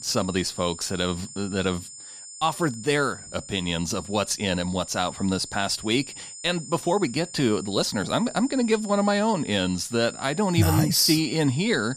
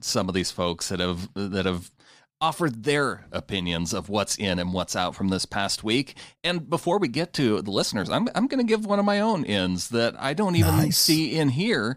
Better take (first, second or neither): second